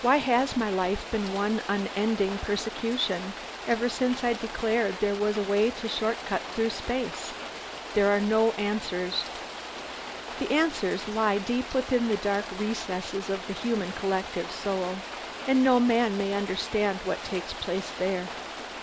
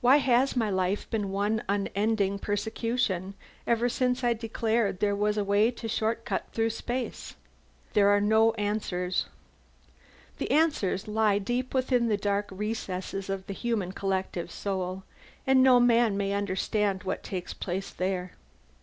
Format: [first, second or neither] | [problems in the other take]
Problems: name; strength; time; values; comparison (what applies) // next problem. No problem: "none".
second | background sound (Rain); 10 dB below the speech